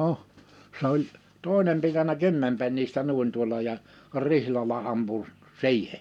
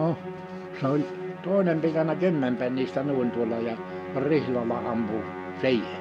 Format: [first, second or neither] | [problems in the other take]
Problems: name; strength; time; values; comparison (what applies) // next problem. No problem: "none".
first | background sound (Musical instrument); 9 dB below the speech